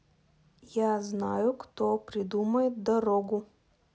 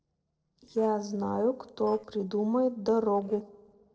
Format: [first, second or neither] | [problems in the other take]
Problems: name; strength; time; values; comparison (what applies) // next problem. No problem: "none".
first | noise reduction (neural separator model SepFormer DNS4)